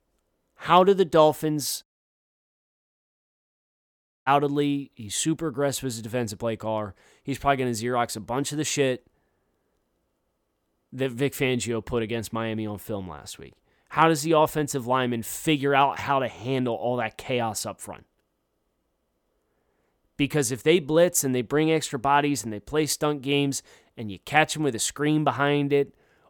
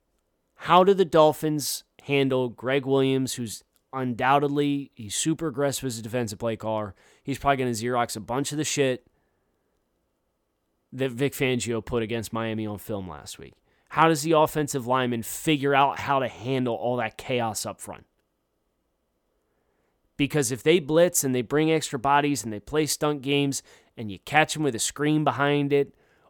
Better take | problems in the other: second | audio cutting out; at 2 s for 2.5 s

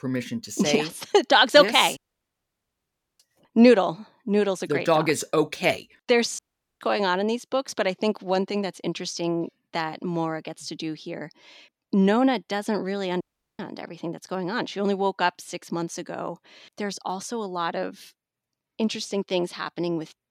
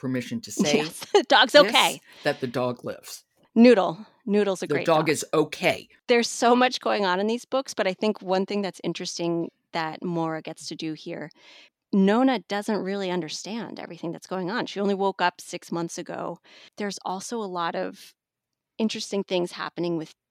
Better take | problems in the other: second | audio cutting out; at 2 s for 1 s, at 6.5 s and at 13 s

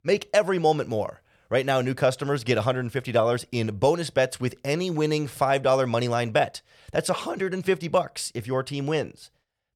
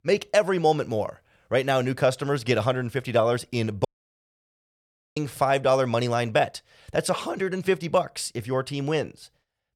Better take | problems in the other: first | audio cutting out; at 4 s for 1.5 s

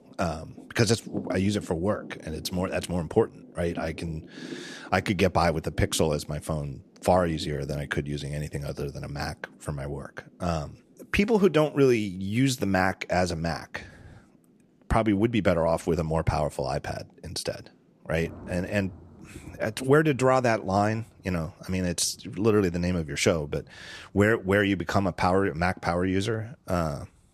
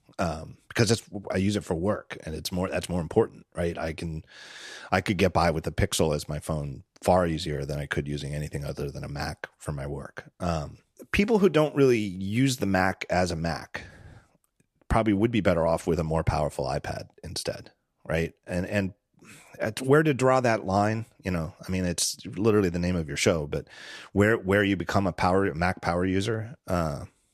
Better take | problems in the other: second | rain or running water; noticeable; throughout; 20 dB below the speech

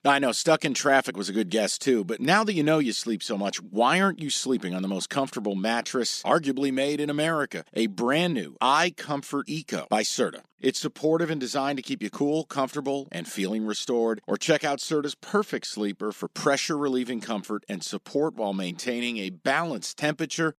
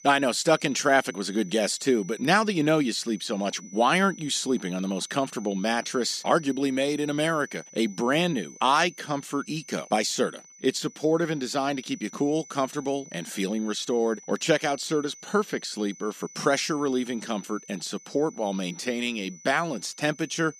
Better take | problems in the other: first | high-pitched whine; noticeable; throughout; 6 kHz, 20 dB below the speech

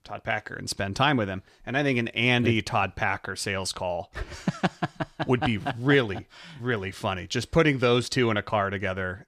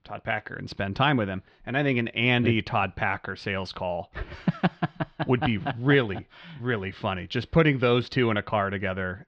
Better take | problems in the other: first | muffled; slightly; fading above 4 kHz

